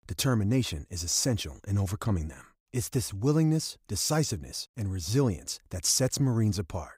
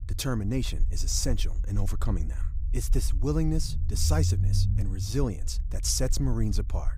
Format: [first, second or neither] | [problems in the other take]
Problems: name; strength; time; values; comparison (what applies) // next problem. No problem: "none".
first | low rumble; noticeable; throughout; 15 dB below the speech